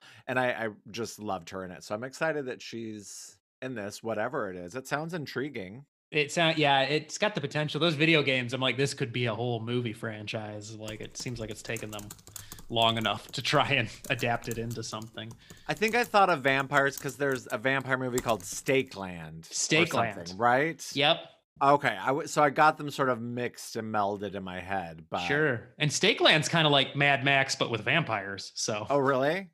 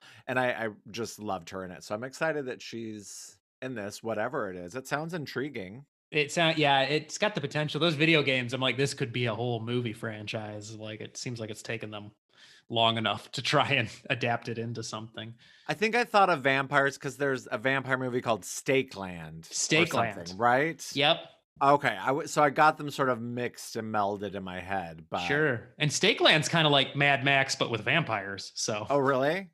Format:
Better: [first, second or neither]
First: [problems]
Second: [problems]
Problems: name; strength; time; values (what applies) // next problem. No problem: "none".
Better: second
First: keyboard typing; faint; from 11 to 19 s; peak 15 dB below the speech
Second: none